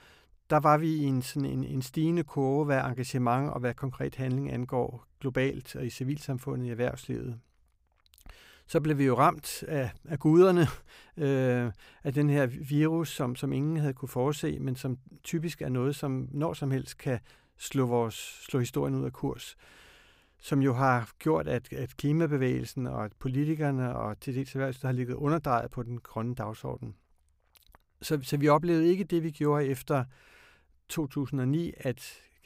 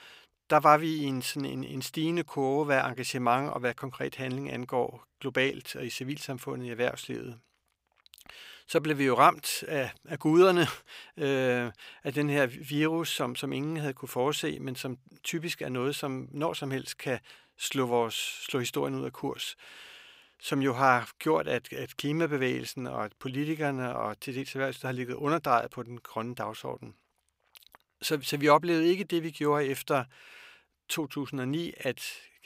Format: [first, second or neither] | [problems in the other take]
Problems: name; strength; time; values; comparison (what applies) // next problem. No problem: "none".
first | thin; very slightly; fading below 450 Hz